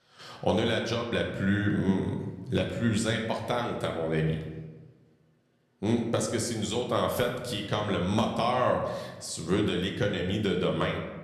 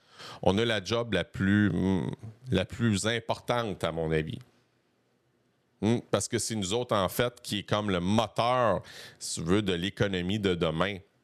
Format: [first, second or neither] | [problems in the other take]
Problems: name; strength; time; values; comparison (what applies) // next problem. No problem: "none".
second | room echo; slight; dies away in 0.9 s